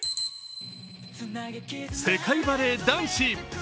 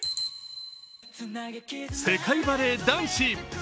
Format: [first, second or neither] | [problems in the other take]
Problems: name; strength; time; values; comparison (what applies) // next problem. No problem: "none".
second | background sound (Strum); 17 dB below the speech